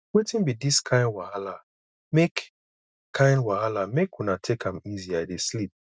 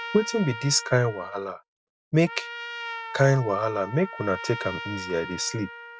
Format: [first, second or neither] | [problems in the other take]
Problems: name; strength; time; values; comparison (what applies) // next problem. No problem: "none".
first | background sound (Trumpet); 11 dB below the speech